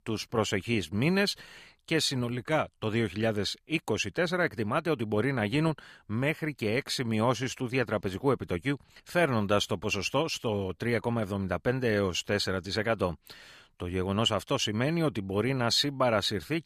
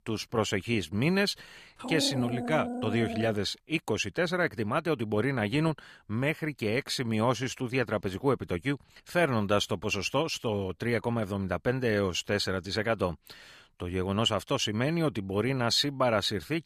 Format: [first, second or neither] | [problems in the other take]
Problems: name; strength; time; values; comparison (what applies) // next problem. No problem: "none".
first | dog barking; noticeable; from 2 to 3.5 s; peak 4 dB below the speech